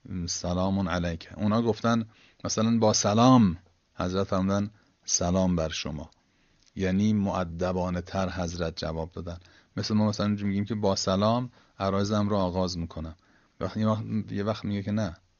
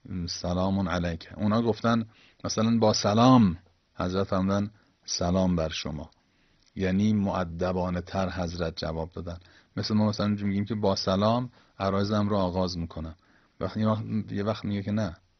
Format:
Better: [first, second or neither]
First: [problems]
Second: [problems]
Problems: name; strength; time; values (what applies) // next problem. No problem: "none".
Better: first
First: garbled, watery; slightly; nothing above 6.5 kHz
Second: garbled, watery; badly; nothing above 6 kHz